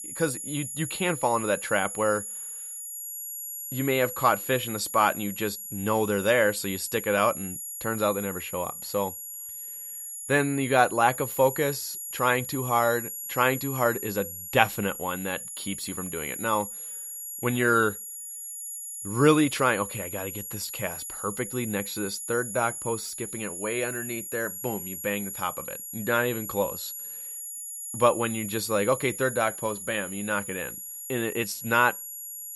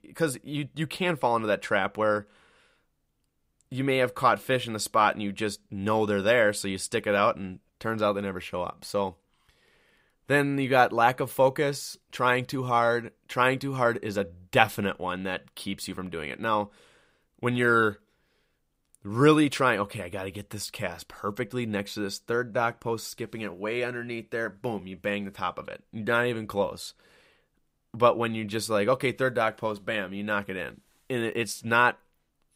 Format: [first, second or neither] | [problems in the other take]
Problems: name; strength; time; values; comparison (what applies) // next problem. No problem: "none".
second | high-pitched whine; loud; throughout; 11 kHz, 7 dB below the speech